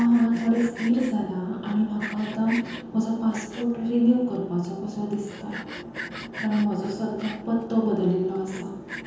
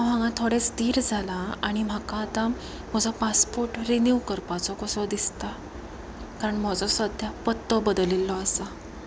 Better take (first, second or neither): second